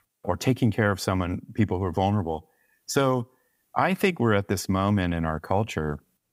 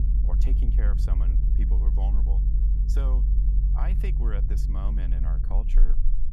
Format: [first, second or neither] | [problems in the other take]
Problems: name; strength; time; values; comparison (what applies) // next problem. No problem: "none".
first | low rumble; loud; throughout; 2 dB below the speech